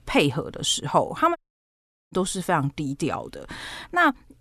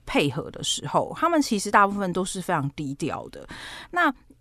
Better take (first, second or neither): second